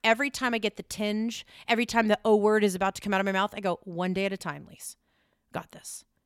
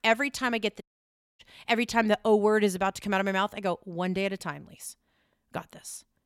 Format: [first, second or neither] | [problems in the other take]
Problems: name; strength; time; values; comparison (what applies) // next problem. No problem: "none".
first | audio cutting out; at 1 s for 0.5 s